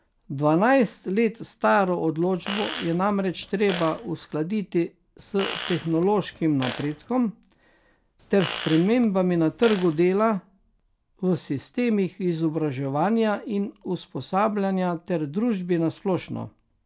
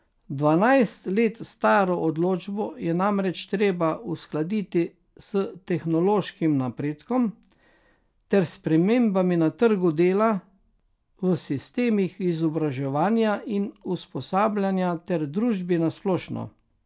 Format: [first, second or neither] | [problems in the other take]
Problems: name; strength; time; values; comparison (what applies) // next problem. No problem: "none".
second | background sound (Fart); 12 dB below the speech